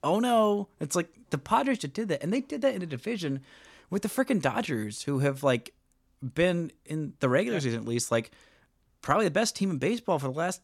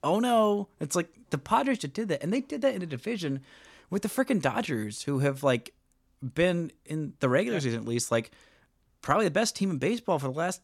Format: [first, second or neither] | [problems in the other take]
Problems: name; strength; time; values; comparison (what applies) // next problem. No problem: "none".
neither | none